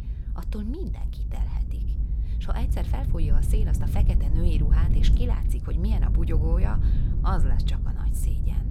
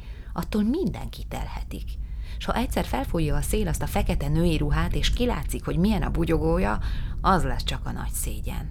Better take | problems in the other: second | low rumble; loud; throughout; 4 dB below the speech; faint in the second

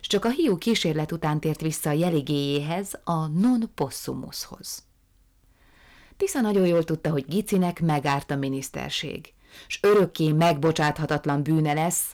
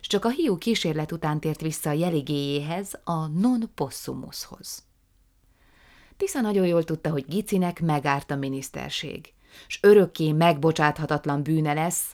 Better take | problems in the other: second | distortion; slight; 3% of the sound clipped

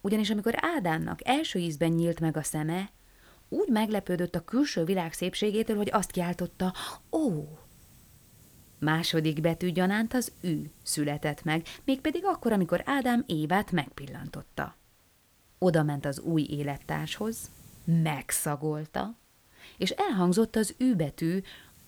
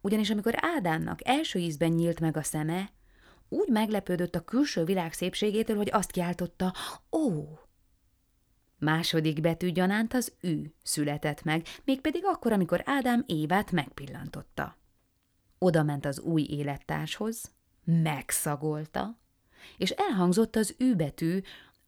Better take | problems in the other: second | hiss; faint; throughout; 30 dB below the speech

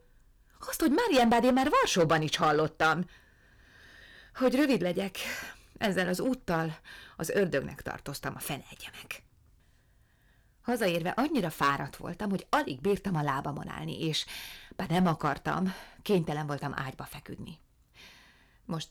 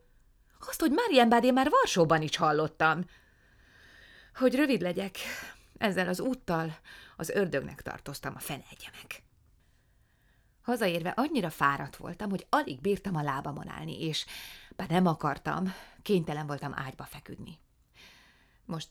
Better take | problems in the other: second | distortion; slight; 3% of the sound clipped

